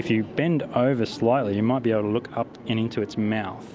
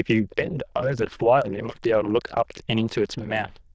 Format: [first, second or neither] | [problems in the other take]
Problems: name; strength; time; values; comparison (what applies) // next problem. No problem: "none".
first | noise reduction (neural diffusion model UNIVERSE++)